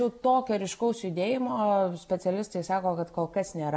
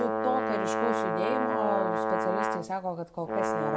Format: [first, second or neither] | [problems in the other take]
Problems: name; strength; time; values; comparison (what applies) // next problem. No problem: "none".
first | background sound (Brass instrument); 3 dB above the speech